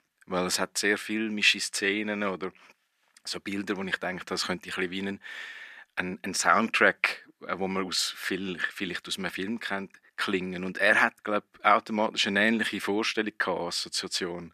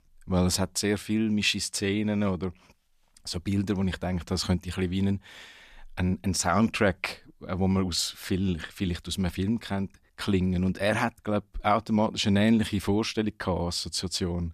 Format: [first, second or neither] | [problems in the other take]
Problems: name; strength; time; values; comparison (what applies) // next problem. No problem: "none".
second | thin; somewhat; fading below 300 Hz